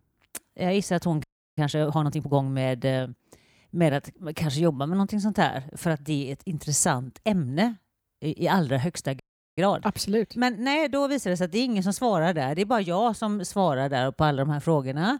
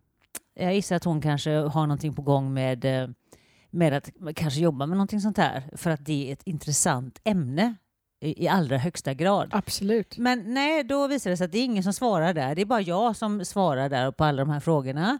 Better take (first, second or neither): second